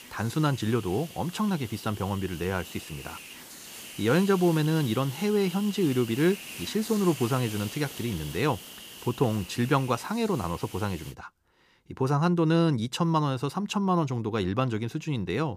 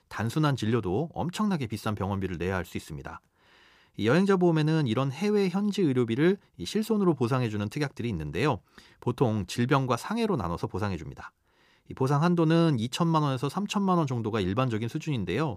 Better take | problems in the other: second | hiss; noticeable; until 11 s; 15 dB below the speech

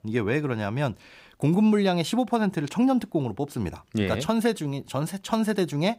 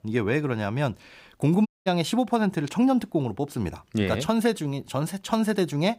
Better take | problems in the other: first | audio cutting out; at 1.5 s

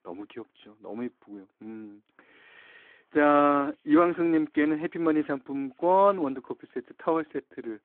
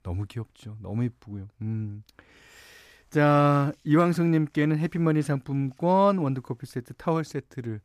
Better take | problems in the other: second | phone-call audio

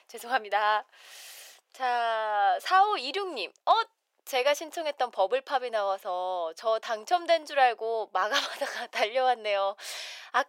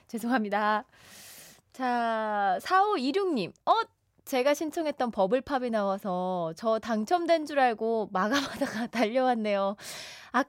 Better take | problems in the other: second | thin; very; fading below 450 Hz

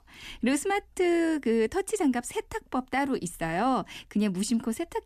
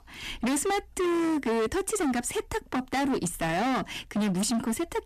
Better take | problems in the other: first | distortion; heavy; 28% of the sound clipped

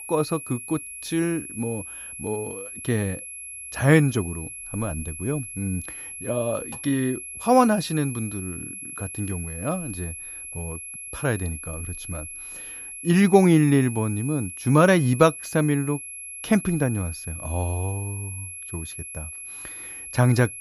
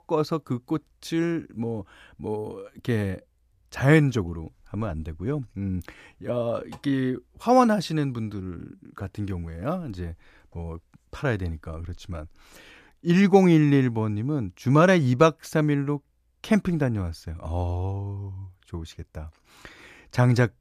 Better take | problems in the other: second | high-pitched whine; noticeable; throughout; 11 kHz, 10 dB below the speech

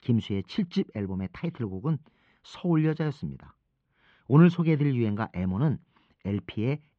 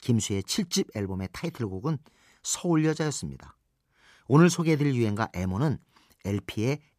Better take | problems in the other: second | muffled; very; fading above 3 kHz

